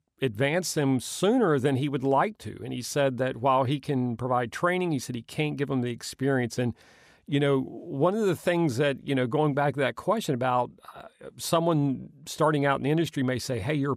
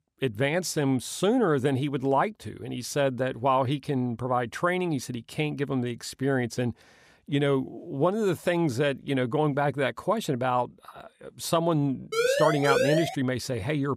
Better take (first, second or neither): first